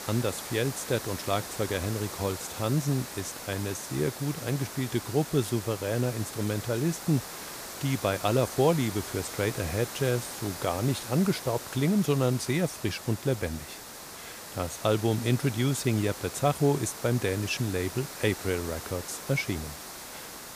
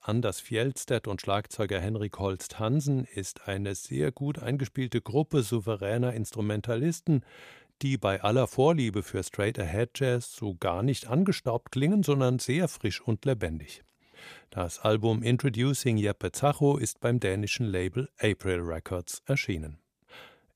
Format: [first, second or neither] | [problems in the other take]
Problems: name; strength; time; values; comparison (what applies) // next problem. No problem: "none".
second | hiss; loud; throughout; 9 dB below the speech